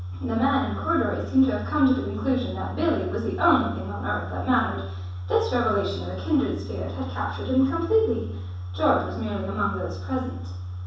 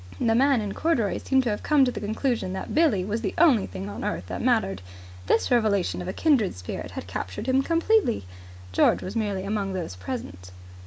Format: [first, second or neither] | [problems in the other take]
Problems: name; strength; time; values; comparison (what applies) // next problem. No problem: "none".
second | room echo; dies away in 0.7 s